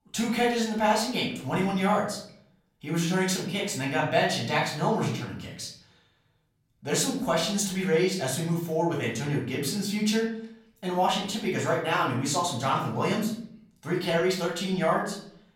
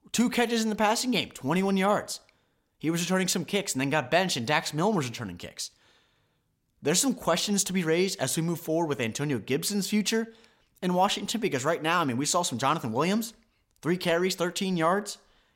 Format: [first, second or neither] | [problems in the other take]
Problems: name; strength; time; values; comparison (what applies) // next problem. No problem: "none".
second | off-mic speech; far // room echo; noticeable; dies away in 0.6 s